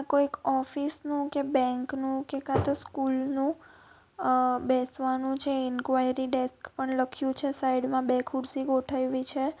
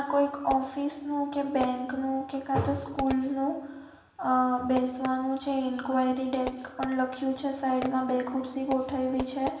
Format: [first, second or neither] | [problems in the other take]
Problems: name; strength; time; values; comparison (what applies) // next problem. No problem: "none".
first | background sound (Fireworks); 15 dB below the speech // room echo; dies away in 1.1 s